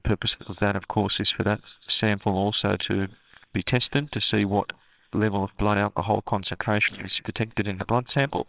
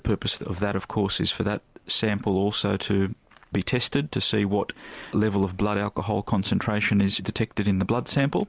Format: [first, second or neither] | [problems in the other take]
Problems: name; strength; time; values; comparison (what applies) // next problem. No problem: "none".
second | noise reduction (neural separator model SepFormer WHAMR!)